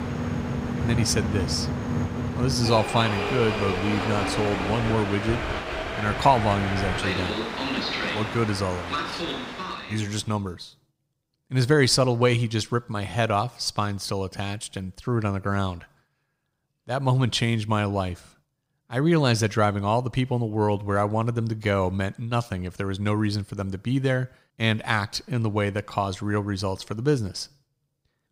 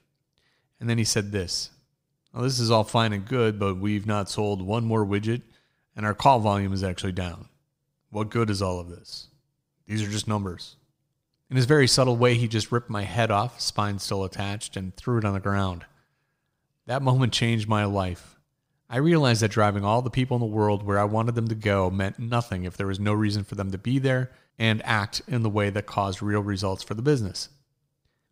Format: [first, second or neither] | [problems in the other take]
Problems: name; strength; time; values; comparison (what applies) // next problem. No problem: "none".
second | train or aircraft noise; loud; until 10 s; 3 dB below the speech